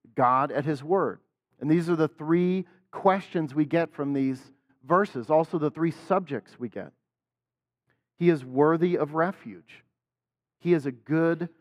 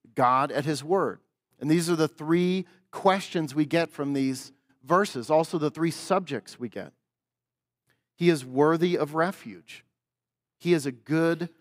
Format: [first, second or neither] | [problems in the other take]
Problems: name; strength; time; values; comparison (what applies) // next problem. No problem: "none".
second | muffled; slightly; fading above 3 kHz